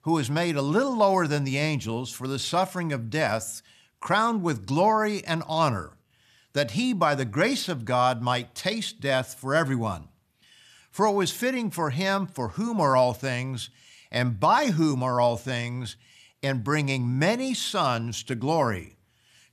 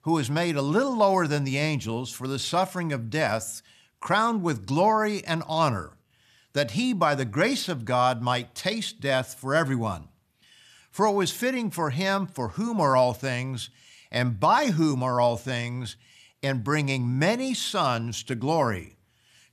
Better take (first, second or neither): neither